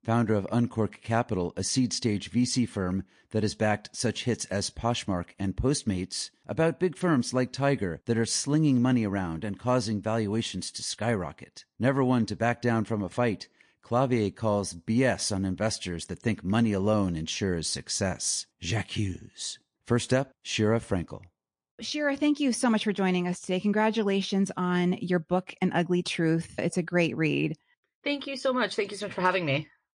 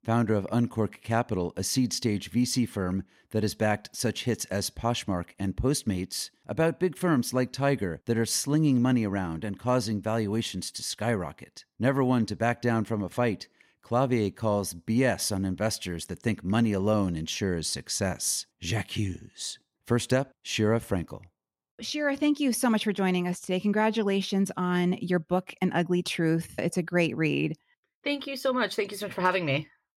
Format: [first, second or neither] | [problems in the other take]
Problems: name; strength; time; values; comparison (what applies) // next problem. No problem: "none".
second | garbled, watery; slightly; nothing above 10 kHz